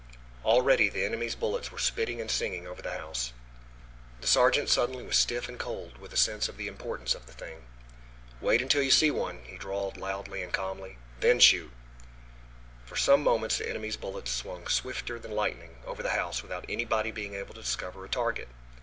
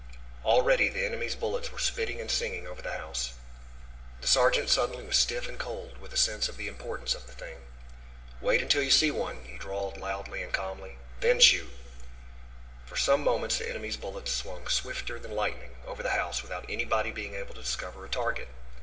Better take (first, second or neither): first